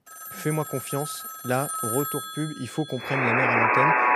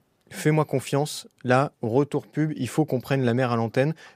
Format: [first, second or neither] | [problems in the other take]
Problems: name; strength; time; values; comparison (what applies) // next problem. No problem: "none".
second | alarms or sirens; very loud; throughout; 4 dB above the speech